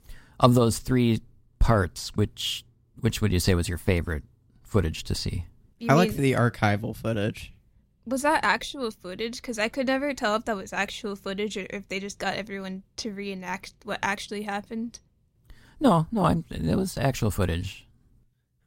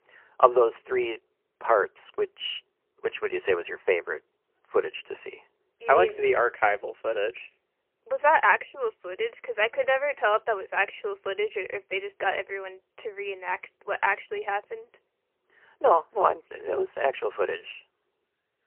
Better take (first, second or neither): first